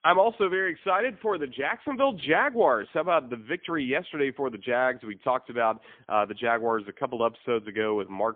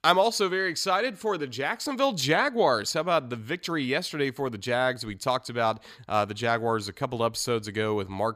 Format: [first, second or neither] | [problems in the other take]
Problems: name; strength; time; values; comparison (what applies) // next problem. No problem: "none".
second | phone-call audio; poor line; nothing above 3.5 kHz